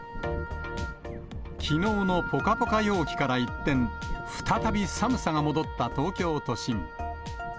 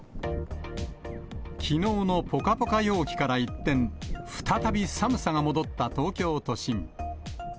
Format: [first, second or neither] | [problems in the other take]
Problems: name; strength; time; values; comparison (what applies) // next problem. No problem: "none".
second | background sound (Wind instrument, woodwind instrument); 11 dB below the speech